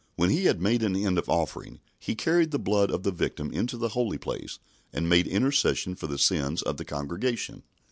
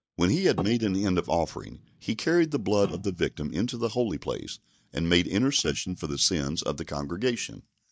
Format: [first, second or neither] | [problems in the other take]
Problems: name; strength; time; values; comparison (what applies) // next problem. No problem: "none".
first | noise reduction (neural mask model DeepFilterNet 3)